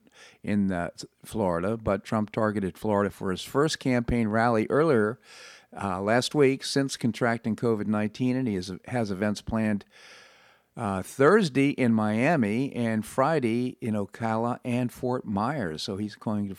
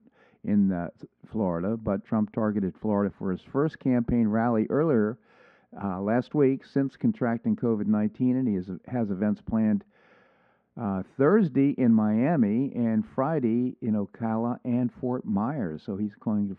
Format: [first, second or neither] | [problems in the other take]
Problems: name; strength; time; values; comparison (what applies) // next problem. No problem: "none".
first | muffled; very; fading above 1.5 kHz